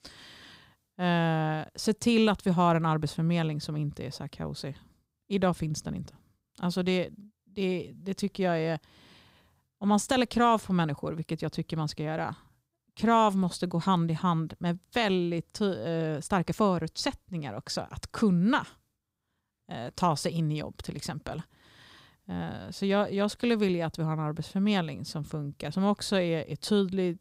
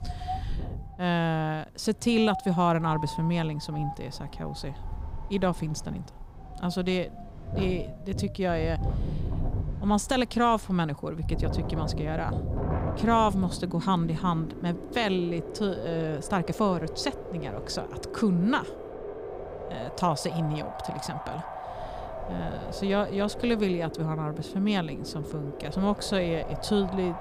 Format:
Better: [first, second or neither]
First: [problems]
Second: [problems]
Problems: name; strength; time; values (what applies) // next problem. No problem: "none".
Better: first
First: none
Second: wind in the background; loud; throughout; 8 dB below the speech